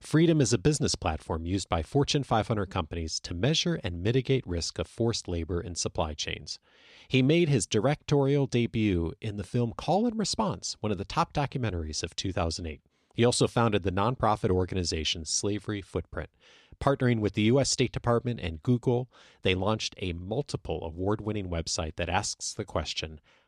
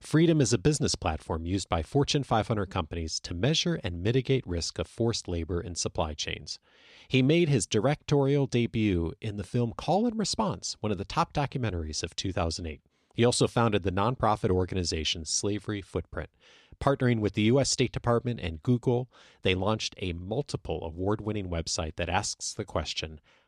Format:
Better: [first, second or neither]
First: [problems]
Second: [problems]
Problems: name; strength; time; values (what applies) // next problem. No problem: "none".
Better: neither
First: none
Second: none